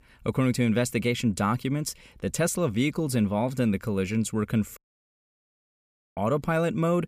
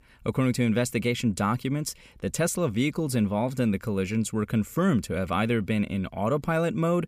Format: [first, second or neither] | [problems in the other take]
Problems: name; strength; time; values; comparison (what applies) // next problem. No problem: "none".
second | audio cutting out; at 5 s for 1.5 s